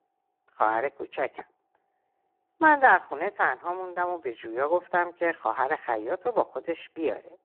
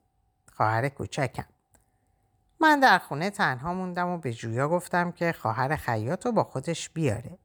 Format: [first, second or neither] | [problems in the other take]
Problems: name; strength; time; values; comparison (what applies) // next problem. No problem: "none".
second | phone-call audio; poor line; nothing above 3.5 kHz